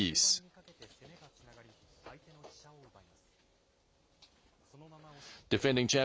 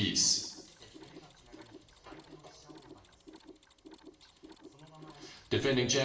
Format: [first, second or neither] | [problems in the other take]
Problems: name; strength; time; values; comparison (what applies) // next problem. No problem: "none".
first | background sound (Mechanisms); 19 dB below the speech // room echo; dies away in 0.8 s